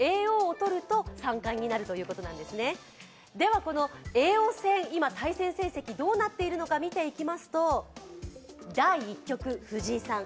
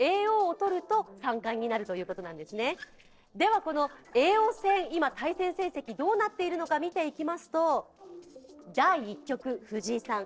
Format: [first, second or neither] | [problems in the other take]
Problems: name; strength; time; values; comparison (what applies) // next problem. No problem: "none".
first | noise reduction (neural separator model SepFormer DNS4)